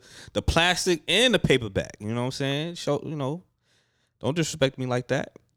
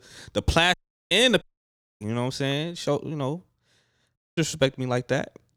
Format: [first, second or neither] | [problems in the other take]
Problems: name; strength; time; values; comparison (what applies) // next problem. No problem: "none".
first | audio cutting out; at 0.5 s, at 1.5 s for 0.5 s and at 4 s